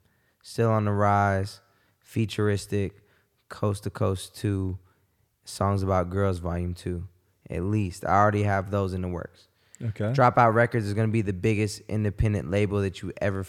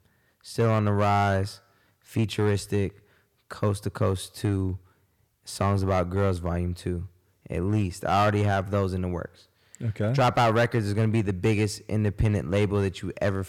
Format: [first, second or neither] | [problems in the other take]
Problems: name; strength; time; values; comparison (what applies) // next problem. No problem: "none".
first | distortion; slight; 4% of the sound clipped